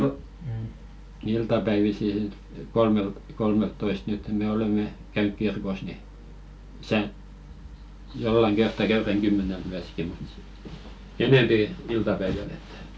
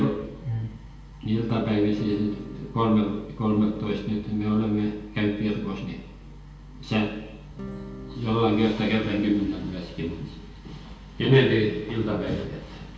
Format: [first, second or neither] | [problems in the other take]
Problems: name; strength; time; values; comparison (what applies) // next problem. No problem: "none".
first | background sound (Acoustic guitar / Strum); 15 dB below the speech // room echo; dies away in 0.9 s